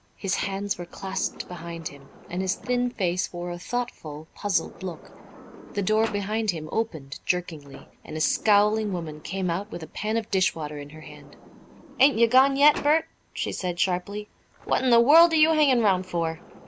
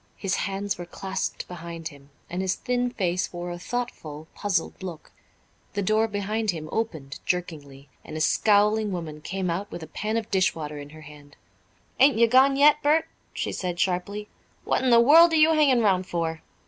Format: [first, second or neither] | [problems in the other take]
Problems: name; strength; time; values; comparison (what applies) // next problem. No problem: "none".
second | background sound (Sliding door); 20 dB below the speech